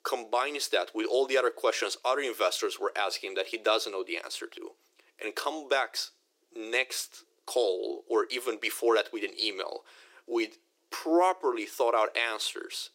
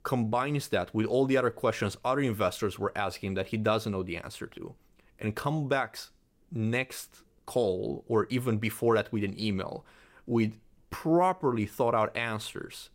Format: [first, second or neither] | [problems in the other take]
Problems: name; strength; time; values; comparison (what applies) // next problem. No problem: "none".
second | thin; very; fading below 350 Hz